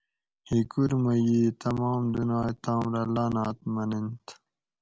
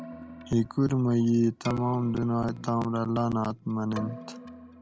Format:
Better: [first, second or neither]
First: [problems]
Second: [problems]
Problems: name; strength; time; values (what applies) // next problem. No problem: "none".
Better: first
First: none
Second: background sound (Keyboard (musical)); 16 dB below the speech